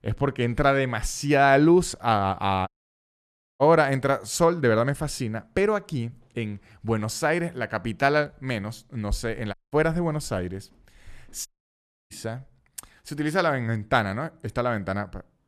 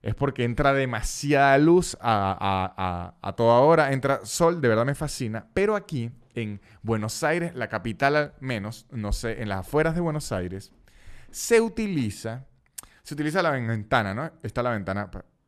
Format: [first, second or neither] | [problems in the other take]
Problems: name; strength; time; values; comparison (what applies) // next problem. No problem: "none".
second | audio cutting out; at 2.5 s for 1 s, at 9.5 s and at 11 s for 0.5 s